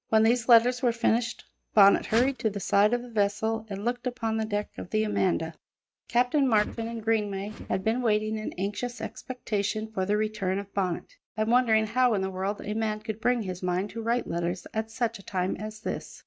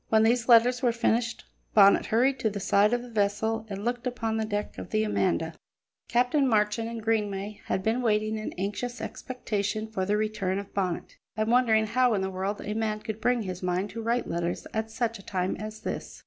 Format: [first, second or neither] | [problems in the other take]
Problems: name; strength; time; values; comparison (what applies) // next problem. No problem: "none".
second | noise reduction (neural mask model RNNoise)